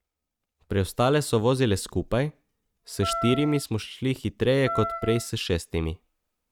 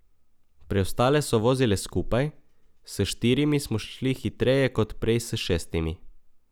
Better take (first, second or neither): second